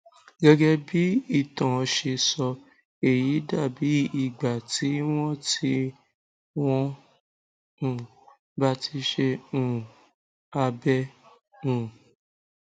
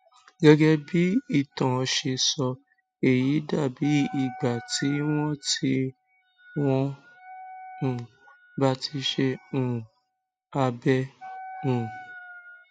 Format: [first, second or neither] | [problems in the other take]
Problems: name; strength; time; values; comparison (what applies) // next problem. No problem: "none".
first | noise reduction (classical method spectral subtraction)